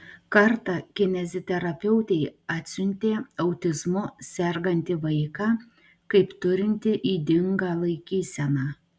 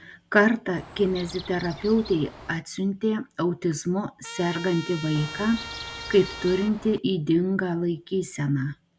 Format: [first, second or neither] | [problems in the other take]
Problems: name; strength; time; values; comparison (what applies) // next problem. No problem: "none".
first | background sound (Trumpet + Chirp, tweet); 13 dB below the speech